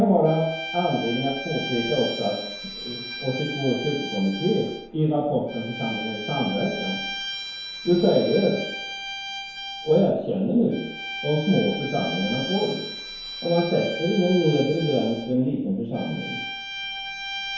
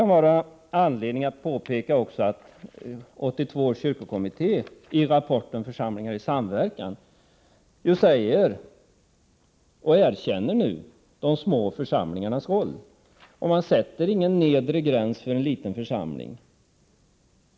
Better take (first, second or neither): second